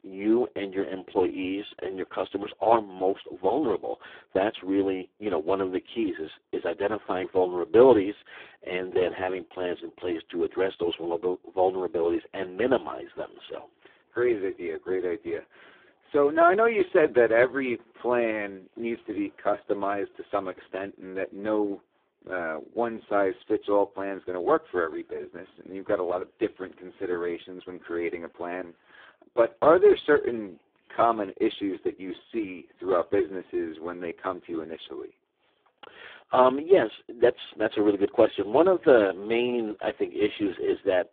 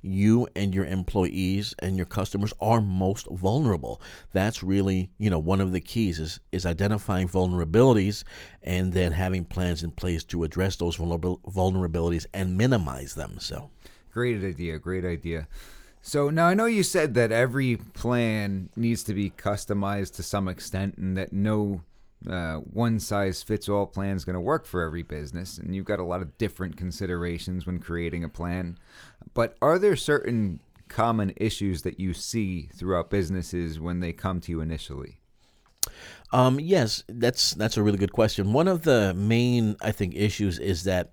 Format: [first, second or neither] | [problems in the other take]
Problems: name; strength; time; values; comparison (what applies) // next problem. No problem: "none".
second | phone-call audio; poor line